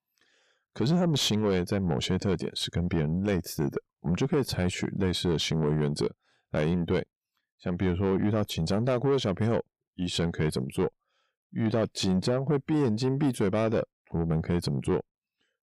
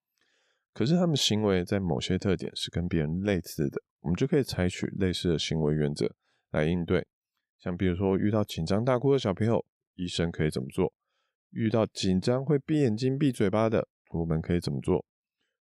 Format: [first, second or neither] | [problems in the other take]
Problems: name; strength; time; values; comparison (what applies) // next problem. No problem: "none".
second | distortion; slight; 10 dB below the speech